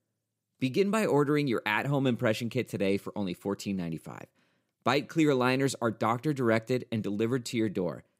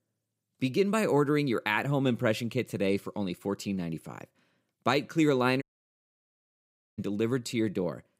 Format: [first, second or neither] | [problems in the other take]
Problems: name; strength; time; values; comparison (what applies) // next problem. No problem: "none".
first | audio cutting out; at 5.5 s for 1.5 s